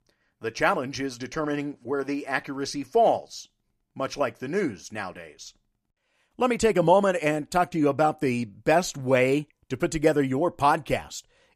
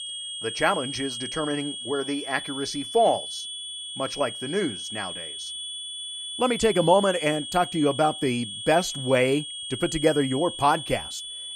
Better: first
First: none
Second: high-pitched whine; loud; throughout; 3.5 kHz, 7 dB below the speech

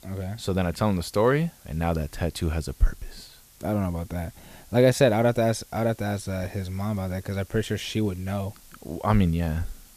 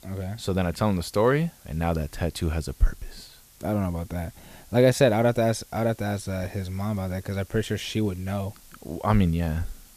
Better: neither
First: hiss; faint; throughout; 25 dB below the speech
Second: hiss; faint; throughout; 25 dB below the speech

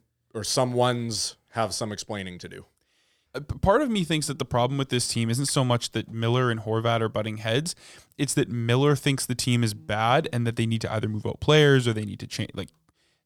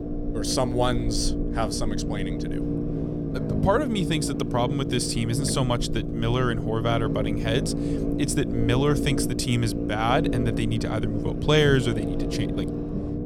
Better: first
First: none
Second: low rumble; loud; throughout; 6 dB below the speech

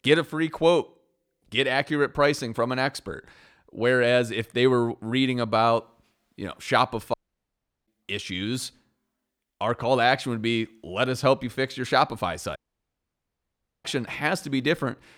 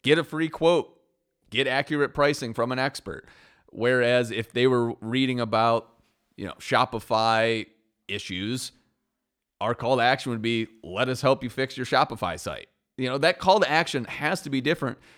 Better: second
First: audio cutting out; at 7 s for 0.5 s and at 13 s for 1.5 s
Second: none

